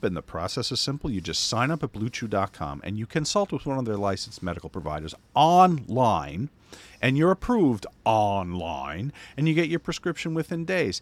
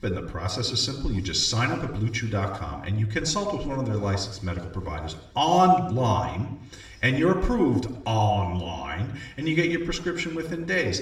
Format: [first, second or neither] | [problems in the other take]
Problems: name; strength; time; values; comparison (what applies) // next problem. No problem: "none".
first | room echo; slight; dies away in 0.7 s // off-mic speech; somewhat distant